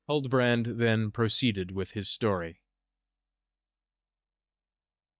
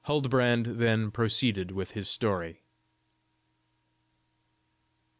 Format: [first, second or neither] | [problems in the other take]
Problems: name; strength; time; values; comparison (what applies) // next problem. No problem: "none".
second | noise reduction (neural mask model DeepFilterNet 3)